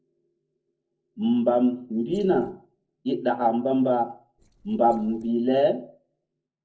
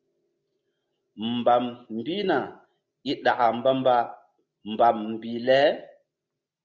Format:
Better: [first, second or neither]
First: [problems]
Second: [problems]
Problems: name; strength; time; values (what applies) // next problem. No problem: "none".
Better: second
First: noise reduction (neural separator model SepFormer DNS4)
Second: none